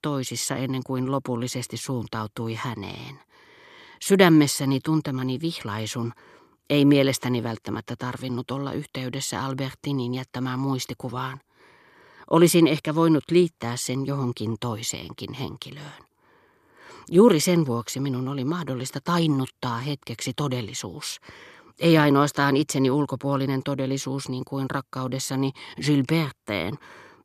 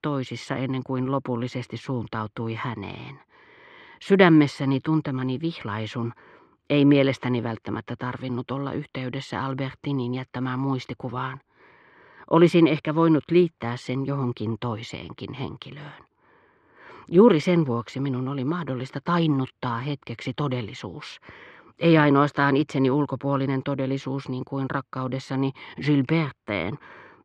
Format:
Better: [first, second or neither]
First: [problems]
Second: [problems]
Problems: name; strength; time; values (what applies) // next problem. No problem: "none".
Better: first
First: none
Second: muffled; slightly; fading above 2.5 kHz